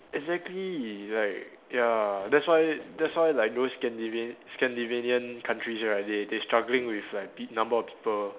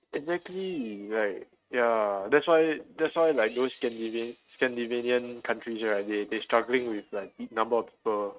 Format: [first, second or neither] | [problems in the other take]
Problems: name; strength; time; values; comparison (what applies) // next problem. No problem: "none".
first | noise reduction (neural mask model RNNoise)